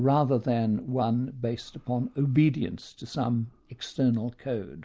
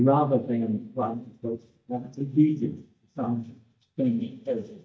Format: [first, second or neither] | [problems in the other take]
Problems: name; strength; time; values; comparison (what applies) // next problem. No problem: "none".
first | noise reduction (neural mask model DeepFilterNet 3)